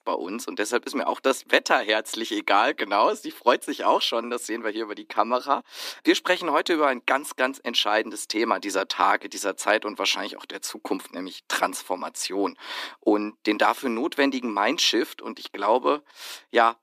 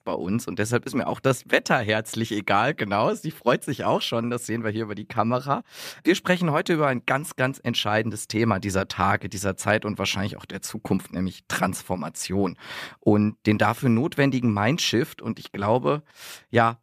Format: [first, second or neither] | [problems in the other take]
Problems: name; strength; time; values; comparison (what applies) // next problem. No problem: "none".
second | thin; somewhat; fading below 300 Hz